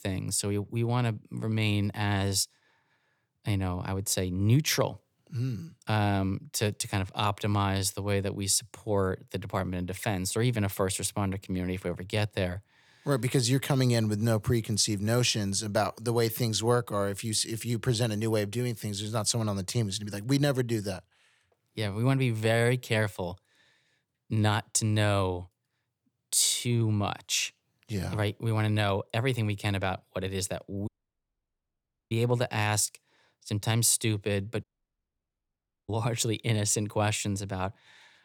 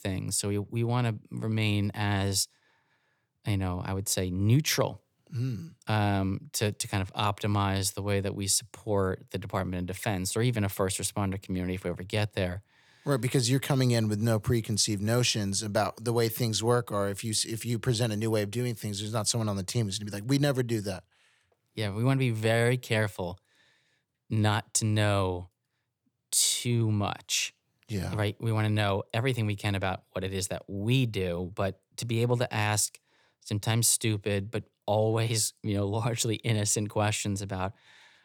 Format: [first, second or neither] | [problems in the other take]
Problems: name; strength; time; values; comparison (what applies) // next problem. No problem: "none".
second | audio cutting out; at 31 s for 1 s and at 35 s for 1 s